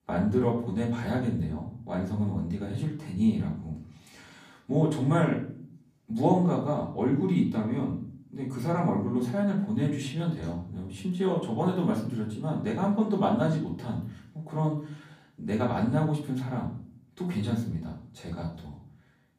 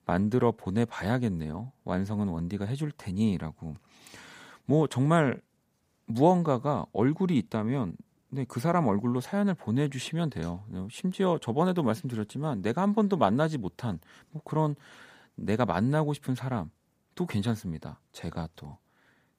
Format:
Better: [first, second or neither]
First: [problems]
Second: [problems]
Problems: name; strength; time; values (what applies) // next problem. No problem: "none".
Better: second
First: room echo; slight; dies away in 0.6 s // off-mic speech; far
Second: none